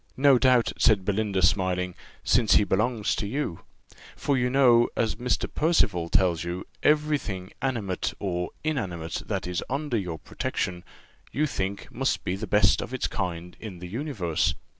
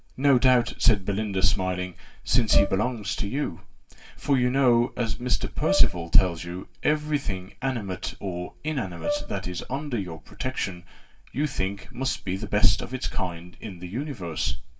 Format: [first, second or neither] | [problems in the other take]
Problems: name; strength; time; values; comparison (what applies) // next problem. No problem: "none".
first | background sound (Brass instrument); 14 dB below the speech // room echo; dies away in 0.2 s